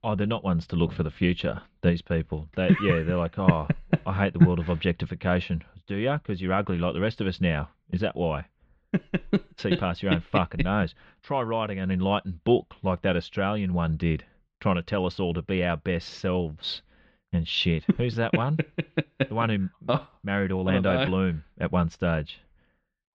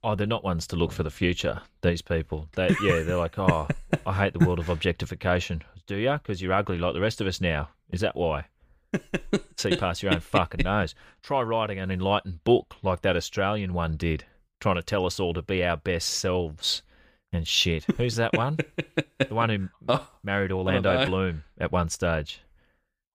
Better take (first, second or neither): second